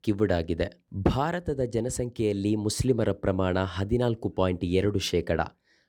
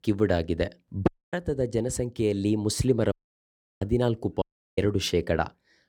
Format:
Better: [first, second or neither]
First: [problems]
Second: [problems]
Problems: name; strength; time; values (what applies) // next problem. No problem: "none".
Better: first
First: none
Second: audio cutting out; at 1 s, at 3 s for 0.5 s and at 4.5 s